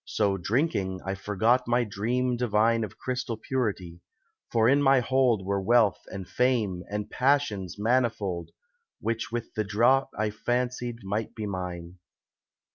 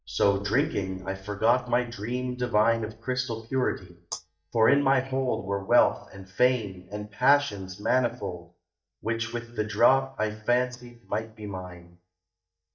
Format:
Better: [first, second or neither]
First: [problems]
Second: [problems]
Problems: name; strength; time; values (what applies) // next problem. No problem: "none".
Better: first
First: none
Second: noise reduction (neural mask model DeepFilterNet 3)